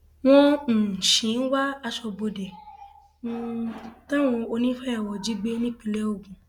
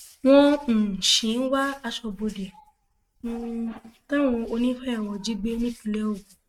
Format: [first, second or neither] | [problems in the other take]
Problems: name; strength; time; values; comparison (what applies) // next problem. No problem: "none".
first | noise reduction (neural mask model RNNoise)